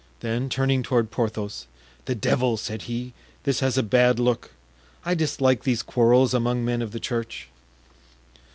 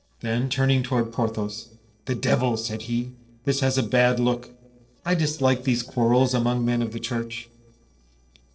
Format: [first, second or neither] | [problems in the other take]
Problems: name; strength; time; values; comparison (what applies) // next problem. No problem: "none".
first | noise reduction (neural separator model SepFormer DNS4)